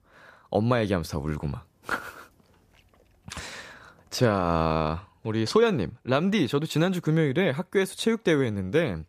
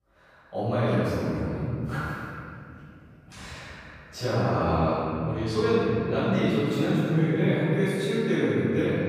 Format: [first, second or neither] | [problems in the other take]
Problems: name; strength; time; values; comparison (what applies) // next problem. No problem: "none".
first | off-mic speech; far // room echo; strong; dies away in 2.7 s